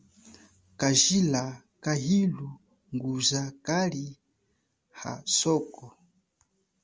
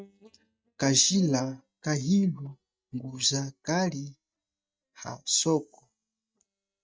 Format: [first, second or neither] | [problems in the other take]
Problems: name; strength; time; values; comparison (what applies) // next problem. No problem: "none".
first | noise reduction (neural mask model DeepFilterNet 3)